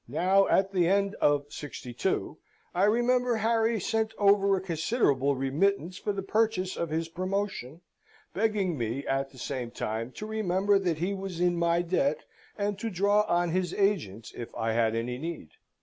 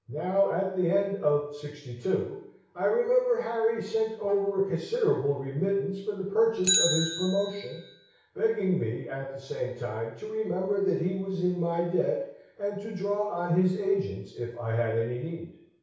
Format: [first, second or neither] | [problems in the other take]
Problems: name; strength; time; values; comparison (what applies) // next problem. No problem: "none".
first | background sound (Bicycle); 12 dB below the speech // room echo; dies away in 0.6 s